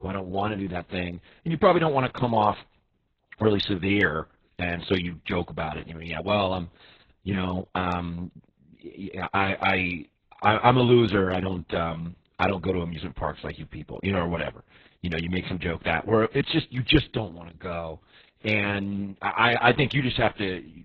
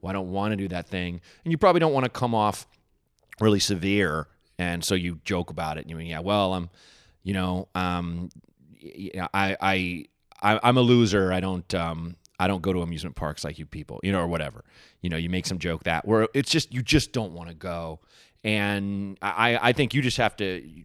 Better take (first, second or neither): second